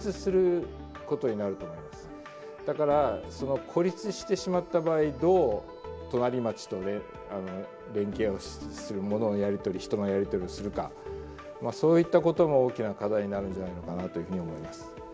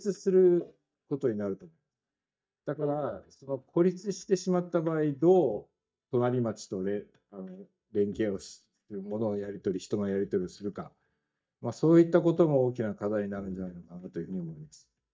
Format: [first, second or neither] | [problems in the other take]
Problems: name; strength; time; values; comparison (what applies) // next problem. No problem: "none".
first | noise reduction (neural mask model DeepFilterNet 3)